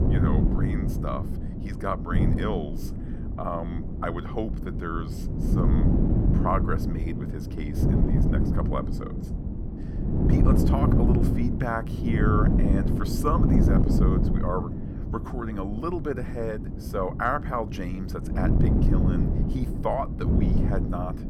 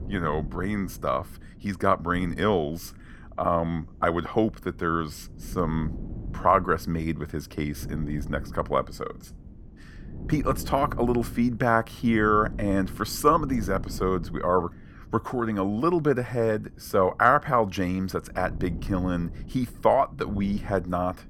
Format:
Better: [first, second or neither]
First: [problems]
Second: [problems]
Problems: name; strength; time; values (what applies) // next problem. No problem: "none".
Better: second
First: wind noise on the microphone; heavy; 3 dB below the speech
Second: wind noise on the microphone; occasional gusts; 25 dB below the speech